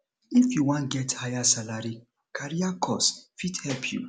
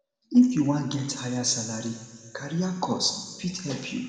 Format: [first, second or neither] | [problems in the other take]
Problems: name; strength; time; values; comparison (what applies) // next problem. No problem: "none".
first | room echo; dies away in 1.8 s